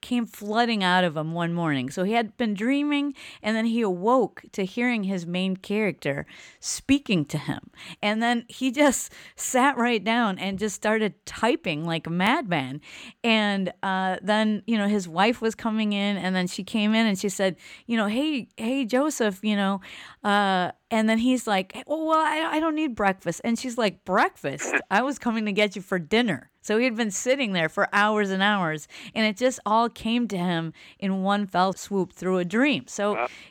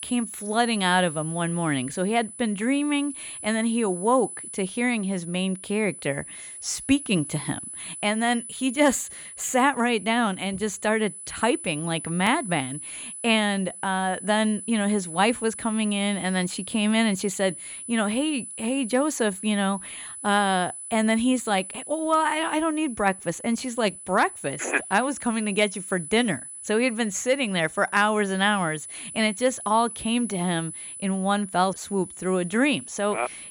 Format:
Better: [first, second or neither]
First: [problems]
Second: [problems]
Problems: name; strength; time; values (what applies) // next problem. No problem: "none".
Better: first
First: none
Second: high-pitched whine; noticeable; throughout; 10 kHz, 10 dB below the speech